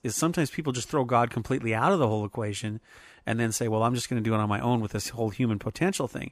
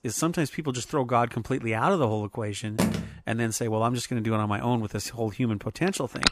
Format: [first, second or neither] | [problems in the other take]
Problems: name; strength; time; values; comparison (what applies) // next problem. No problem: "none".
first | phone ringing; loud; at 3 s and at 6 s; peak 1 dB above the speech